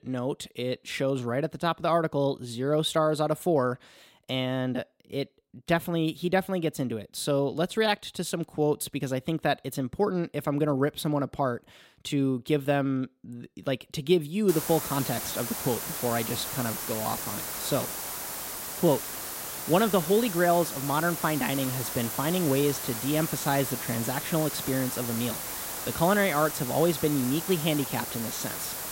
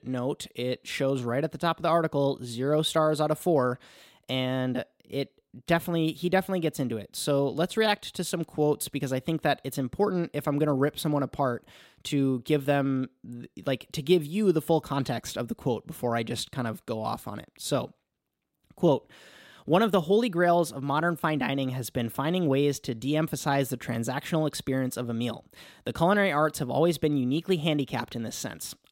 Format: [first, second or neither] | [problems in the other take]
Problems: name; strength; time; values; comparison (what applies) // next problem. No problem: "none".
second | hiss; loud; from 14 s on; 5 dB below the speech